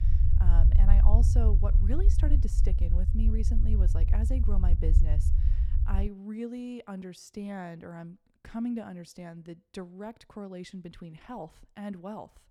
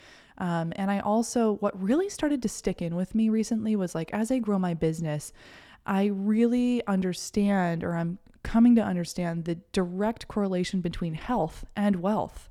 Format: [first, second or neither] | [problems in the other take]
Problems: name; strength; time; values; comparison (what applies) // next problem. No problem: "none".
second | low rumble; loud; until 6 s; 3 dB below the speech